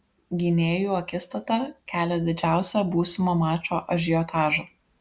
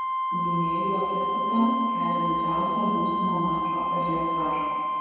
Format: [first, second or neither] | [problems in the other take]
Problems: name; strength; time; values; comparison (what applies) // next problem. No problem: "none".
first | background sound (Wind instrument, woodwind instrument); 3 dB above the speech // room echo; dies away in 2.2 s